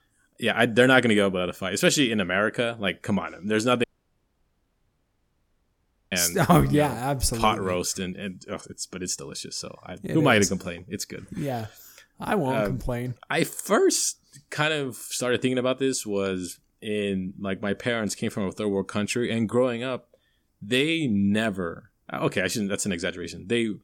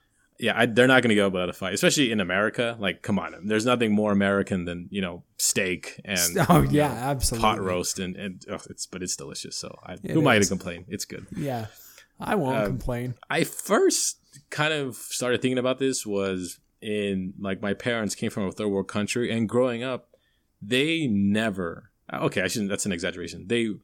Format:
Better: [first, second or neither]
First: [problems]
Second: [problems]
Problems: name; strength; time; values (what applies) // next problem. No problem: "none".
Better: second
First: audio cutting out; at 4 s for 2.5 s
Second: none